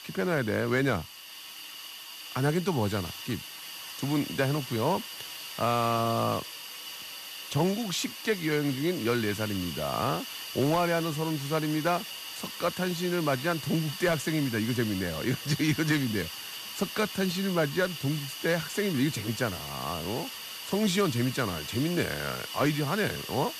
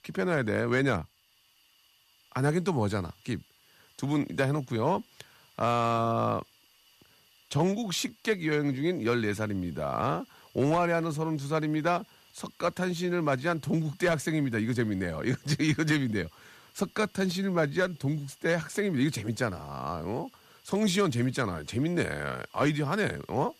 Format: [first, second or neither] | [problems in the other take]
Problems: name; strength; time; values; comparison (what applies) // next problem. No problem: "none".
second | hiss; loud; throughout; 8 dB below the speech; faint in the second